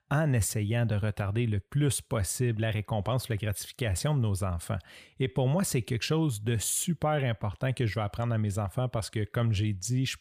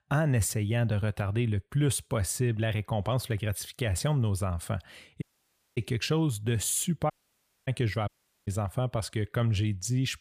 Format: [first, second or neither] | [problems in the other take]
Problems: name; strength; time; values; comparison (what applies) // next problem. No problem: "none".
first | audio cutting out; at 5 s for 0.5 s, at 7 s for 0.5 s and at 8 s